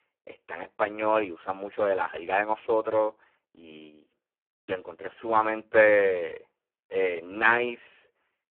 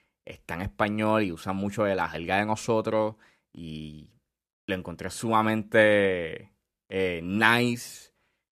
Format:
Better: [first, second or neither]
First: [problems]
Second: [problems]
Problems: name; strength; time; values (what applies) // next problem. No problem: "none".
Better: second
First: phone-call audio; poor line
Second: none